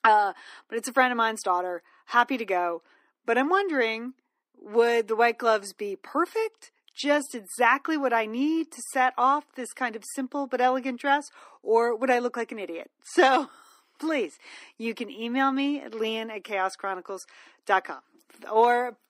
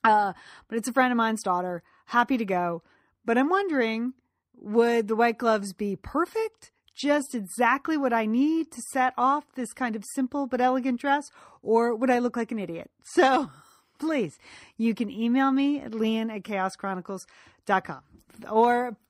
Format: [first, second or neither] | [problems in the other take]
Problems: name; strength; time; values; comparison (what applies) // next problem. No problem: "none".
second | thin; very slightly; fading below 300 Hz